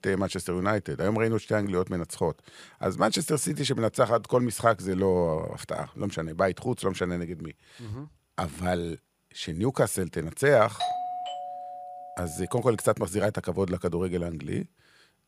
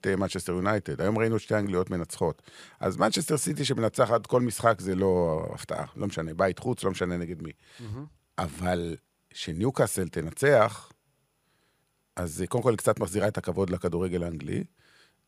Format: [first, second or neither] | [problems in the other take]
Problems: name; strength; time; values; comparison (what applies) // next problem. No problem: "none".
second | doorbell; noticeable; from 11 to 12 s; peak 3 dB below the speech